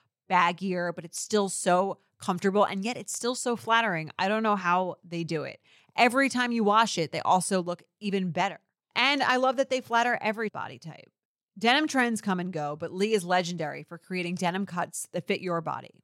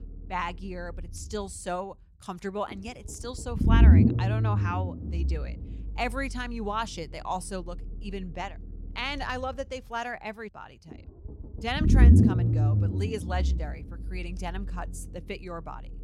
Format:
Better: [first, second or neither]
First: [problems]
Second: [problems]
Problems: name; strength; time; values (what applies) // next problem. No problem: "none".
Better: first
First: none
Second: low rumble; loud; throughout; as loud as the speech